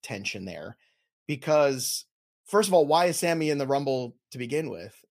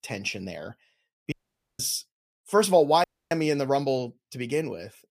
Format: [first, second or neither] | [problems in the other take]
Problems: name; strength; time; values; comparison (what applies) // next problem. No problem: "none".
first | audio cutting out; at 1.5 s and at 3 s